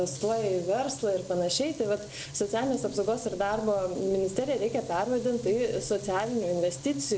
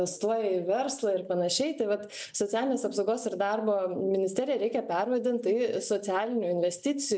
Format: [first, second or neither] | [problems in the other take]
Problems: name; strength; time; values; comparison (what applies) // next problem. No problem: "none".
second | background sound (Frying (food)); 15 dB below the speech